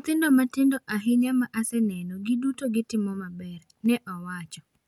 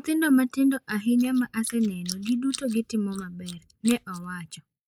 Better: first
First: none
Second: noise reduction (neural mask model Resemble Enhance denoiser)

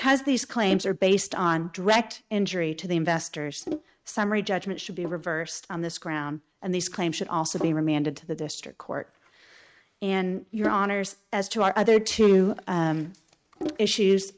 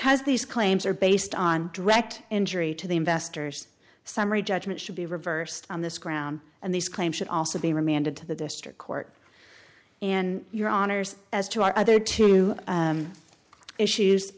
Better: second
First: noise reduction (neural mask model RNNoise)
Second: none

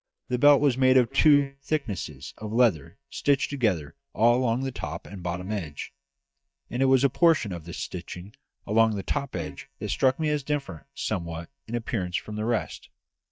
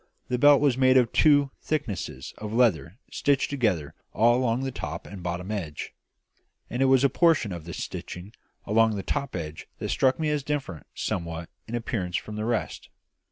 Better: second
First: noise reduction (neural mask model DeepFilterNet 3)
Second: none

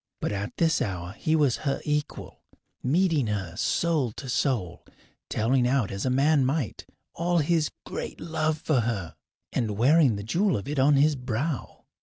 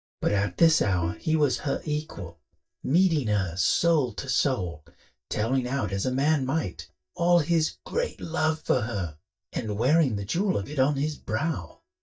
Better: first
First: none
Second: noise reduction (neural mask model DeepFilterNet 3)

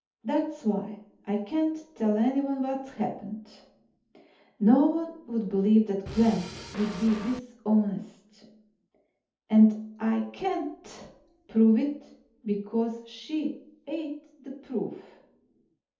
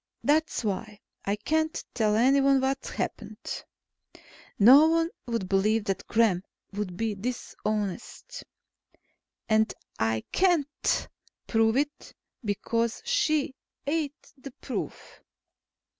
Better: second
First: background sound (Drum kit); 12 dB below the speech // room echo; dies away in 0.6 s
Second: none

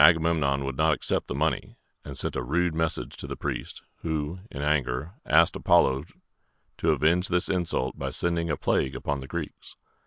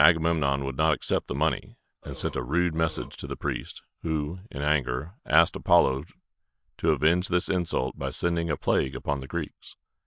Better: first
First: none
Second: noise reduction (neural mask model DeepFilterNet 3)

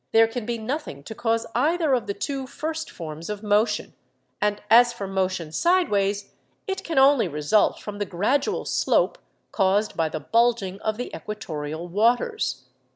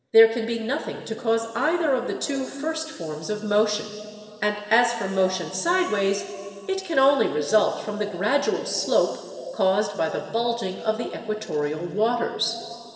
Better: first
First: none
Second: room echo; dies away in 2.5 s

